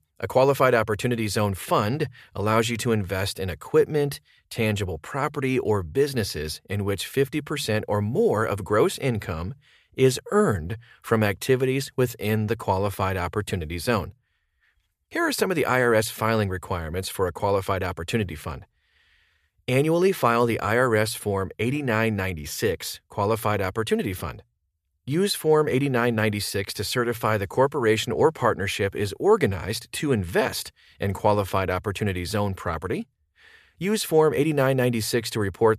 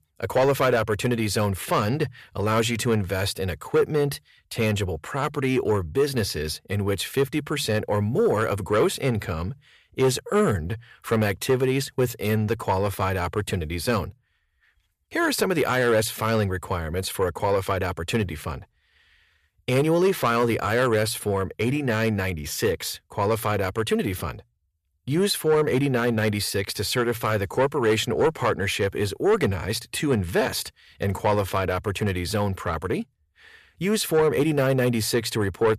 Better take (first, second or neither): first